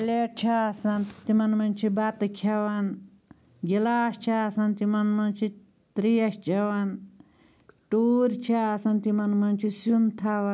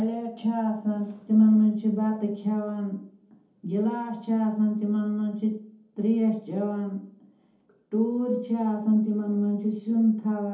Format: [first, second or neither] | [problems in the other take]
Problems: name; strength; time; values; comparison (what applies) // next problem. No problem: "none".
first | room echo; dies away in 0.6 s